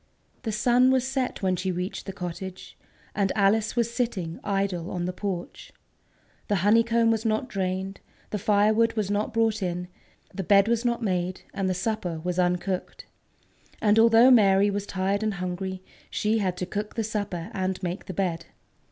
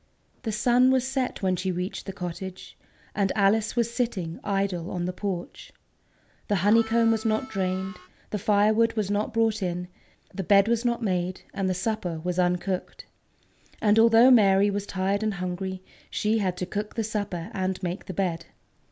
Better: first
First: none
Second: background sound (Harmonica); 18 dB below the speech

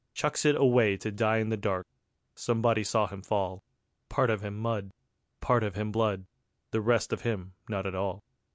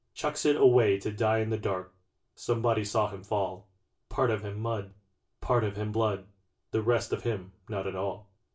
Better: first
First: none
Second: room echo; dies away in 0.2 s

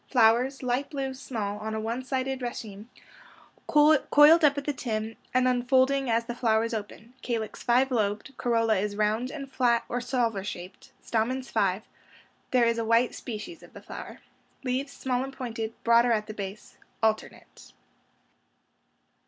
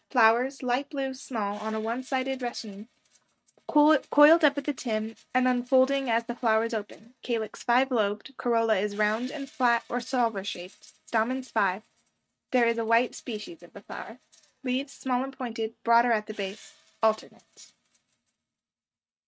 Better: first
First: none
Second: noise reduction (neural mask model RNNoise)

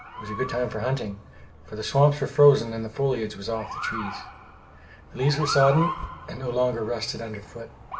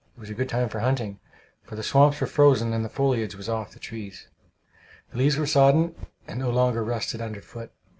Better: second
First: background sound (Motor vehicle (road) / Siren); 11 dB below the speech // room echo; dies away in 0.8 s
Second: none

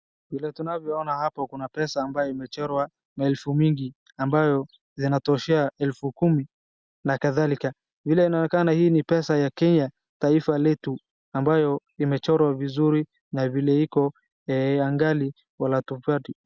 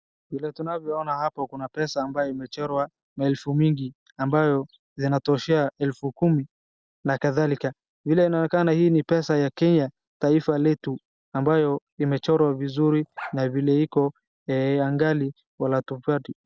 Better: first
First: none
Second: noise reduction (neural separator model SepFormer DNS4)

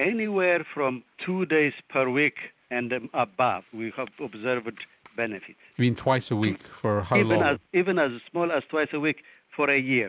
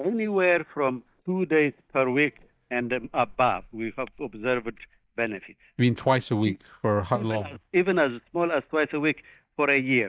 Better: first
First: none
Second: noise reduction (neural mask model DeepFilterNet 3)

